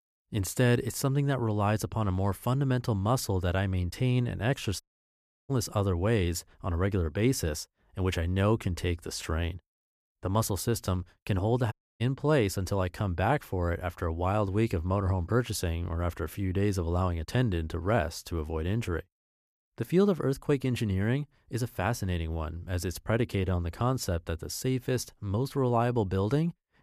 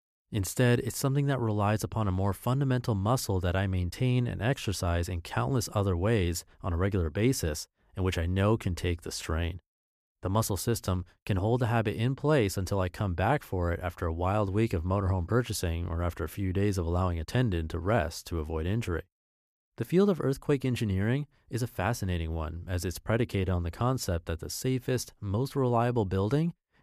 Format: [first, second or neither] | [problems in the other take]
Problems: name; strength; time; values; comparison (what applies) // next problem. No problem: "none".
second | audio cutting out; at 5 s for 0.5 s and at 12 s